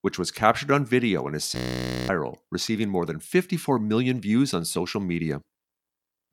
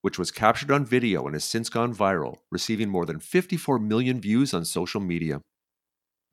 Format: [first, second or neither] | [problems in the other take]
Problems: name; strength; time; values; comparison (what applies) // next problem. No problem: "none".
second | audio freezing; at 1.5 s for 0.5 s